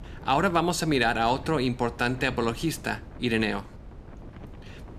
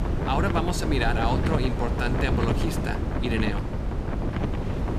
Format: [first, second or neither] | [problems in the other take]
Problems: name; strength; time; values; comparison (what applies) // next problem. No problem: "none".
first | wind noise on the microphone; heavy; 3 dB below the speech; occasional gusts in the first